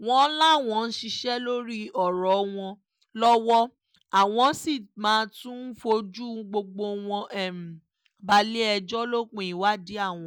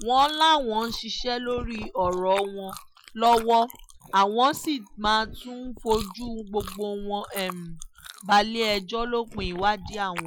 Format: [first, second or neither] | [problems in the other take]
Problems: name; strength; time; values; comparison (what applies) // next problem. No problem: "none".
first | noise reduction (classical method Wiener filter)